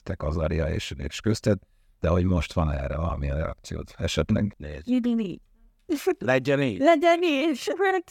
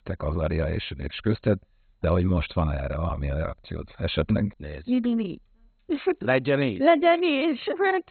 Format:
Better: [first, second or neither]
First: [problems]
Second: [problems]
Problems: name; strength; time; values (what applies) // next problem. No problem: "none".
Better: first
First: none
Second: garbled, watery; badly; nothing above 4 kHz